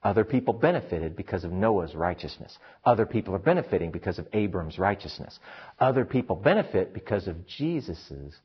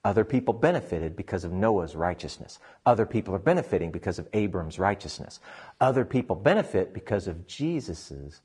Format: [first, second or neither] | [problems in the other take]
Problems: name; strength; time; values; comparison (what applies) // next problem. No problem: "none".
second | garbled, watery; badly; nothing above 5.5 kHz; slightly in the second